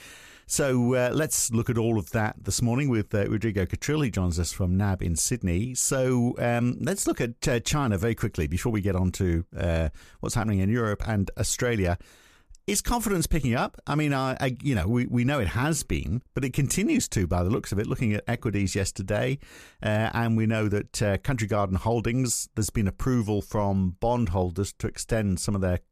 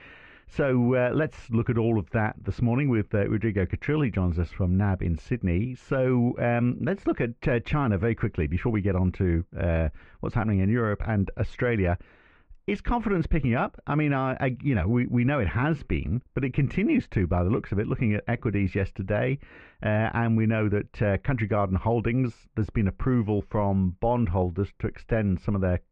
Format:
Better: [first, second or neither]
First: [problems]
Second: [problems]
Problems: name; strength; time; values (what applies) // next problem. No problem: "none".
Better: first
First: none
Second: muffled; very; fading above 2.5 kHz